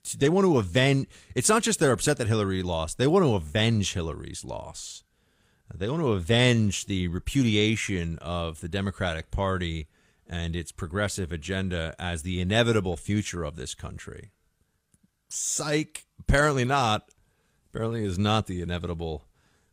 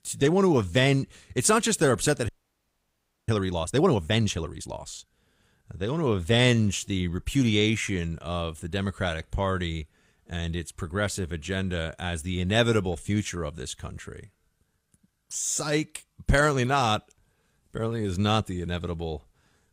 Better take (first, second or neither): first